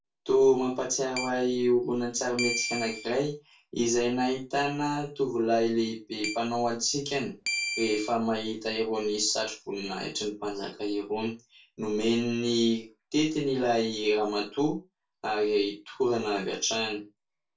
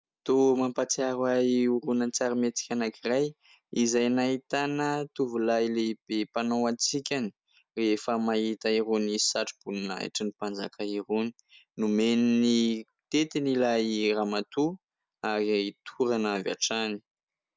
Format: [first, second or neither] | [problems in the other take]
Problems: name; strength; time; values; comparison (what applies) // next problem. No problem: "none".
second | background sound (Keyboard (musical)); 7 dB below the speech // room echo; dies away in 0.2 s